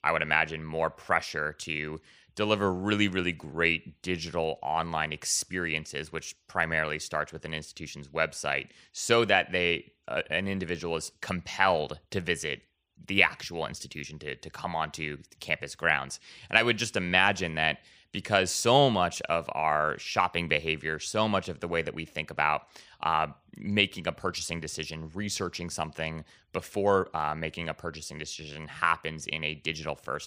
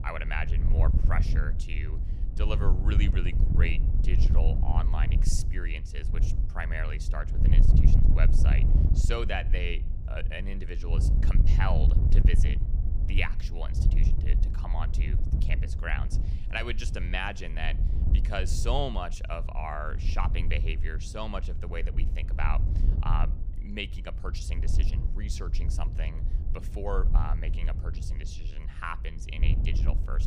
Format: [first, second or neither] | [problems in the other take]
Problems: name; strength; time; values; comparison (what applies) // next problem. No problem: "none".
first | wind noise on the microphone; heavy; 8 dB below the speech